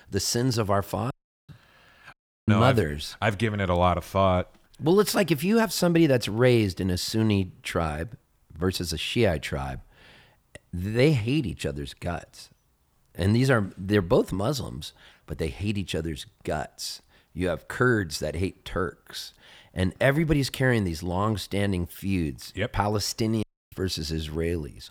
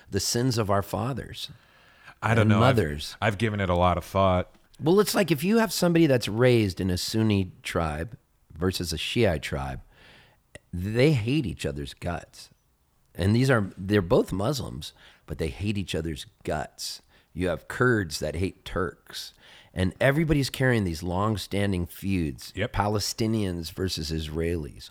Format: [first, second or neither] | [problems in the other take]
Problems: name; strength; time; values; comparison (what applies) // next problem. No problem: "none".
second | audio cutting out; at 1 s, at 2 s and at 23 s